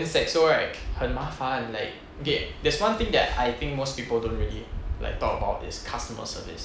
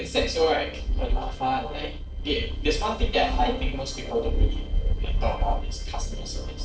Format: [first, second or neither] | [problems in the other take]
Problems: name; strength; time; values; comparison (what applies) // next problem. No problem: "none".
first | noise reduction (neural separator model SepFormer DNS4)